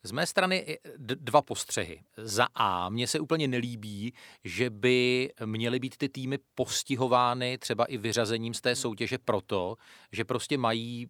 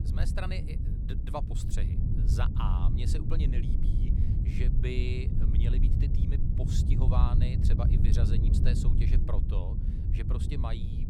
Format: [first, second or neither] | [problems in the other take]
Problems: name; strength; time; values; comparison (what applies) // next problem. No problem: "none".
first | low rumble; loud; throughout; 2 dB below the speech